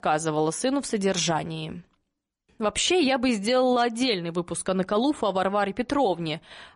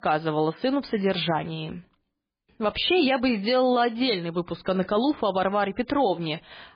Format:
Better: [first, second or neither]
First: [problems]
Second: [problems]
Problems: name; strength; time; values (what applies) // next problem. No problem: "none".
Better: first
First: garbled, watery; slightly; nothing above 10.5 kHz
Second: garbled, watery; badly; nothing above 5 kHz